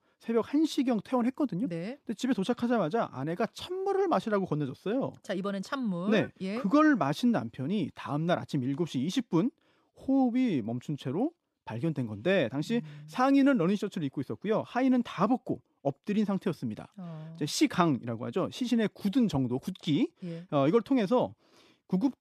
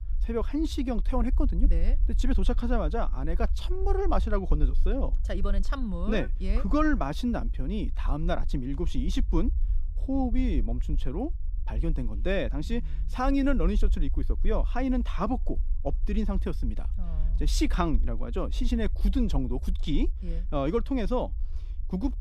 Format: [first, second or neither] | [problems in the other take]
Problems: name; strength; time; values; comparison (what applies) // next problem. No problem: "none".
first | low rumble; faint; throughout; 20 dB below the speech